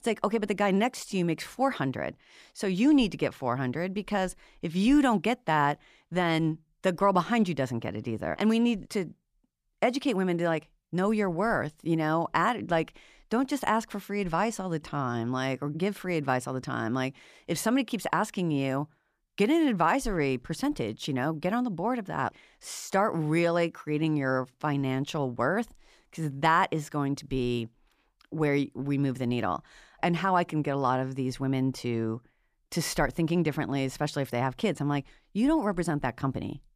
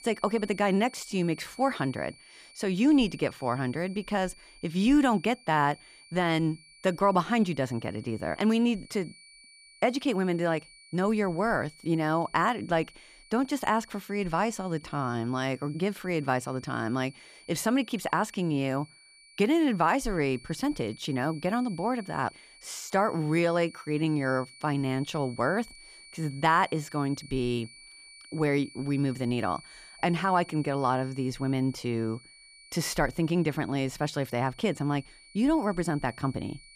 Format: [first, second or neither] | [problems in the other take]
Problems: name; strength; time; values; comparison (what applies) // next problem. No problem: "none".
first | high-pitched whine; faint; throughout; 2.5 kHz, 20 dB below the speech